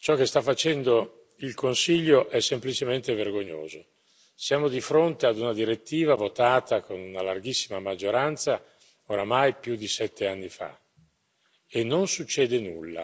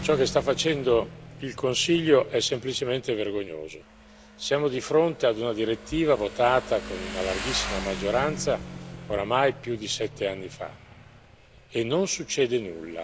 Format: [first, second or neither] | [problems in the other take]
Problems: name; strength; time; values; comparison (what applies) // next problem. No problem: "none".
first | background sound (Motorcycle); 13 dB below the speech